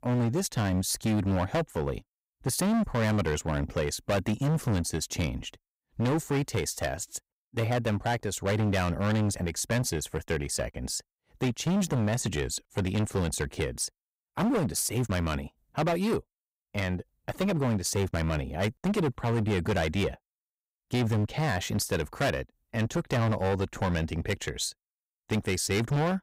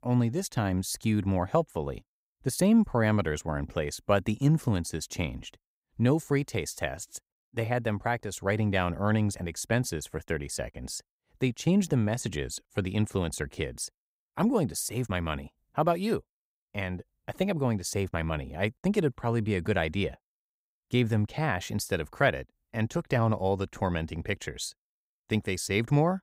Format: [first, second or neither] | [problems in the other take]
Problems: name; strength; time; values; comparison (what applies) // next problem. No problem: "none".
second | distortion; heavy; 15% of the sound clipped